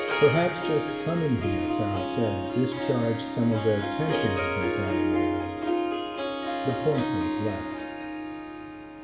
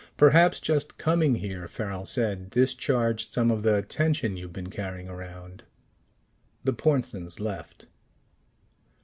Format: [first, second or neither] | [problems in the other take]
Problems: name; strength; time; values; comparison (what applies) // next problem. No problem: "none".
second | background sound (Harp); as loud as the speech // room echo; dies away in 0.8 s